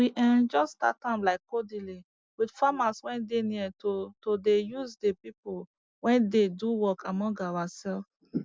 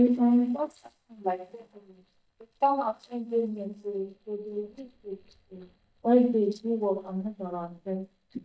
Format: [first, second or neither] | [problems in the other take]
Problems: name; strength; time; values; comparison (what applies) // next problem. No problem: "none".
first | noise reduction (neural mask model DeepFilterNet 3)